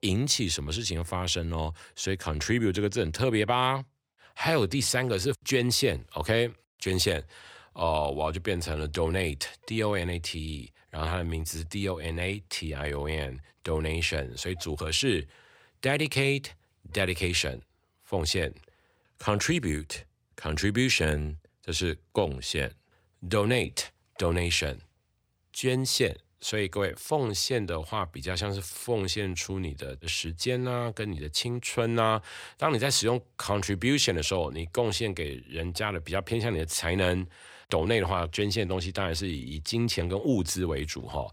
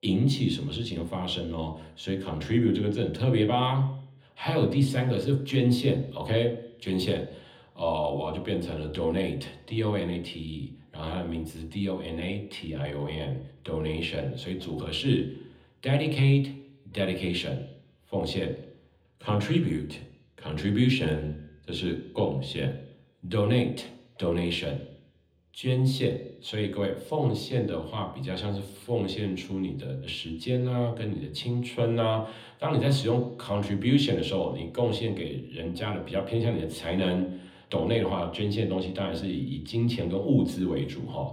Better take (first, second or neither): first